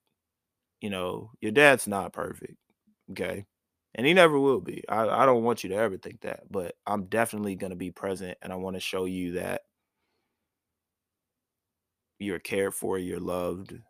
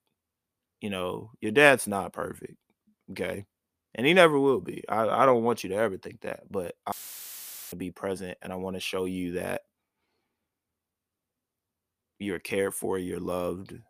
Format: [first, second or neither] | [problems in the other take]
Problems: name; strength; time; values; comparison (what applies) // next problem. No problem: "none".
first | audio cutting out; filled with static; at 7 s for 1 s